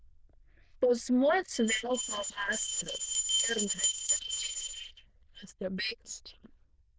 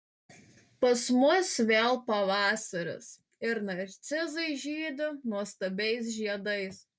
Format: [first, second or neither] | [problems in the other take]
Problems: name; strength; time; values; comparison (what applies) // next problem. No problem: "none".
second | noise reduction (neural diffusion model UNIVERSE++)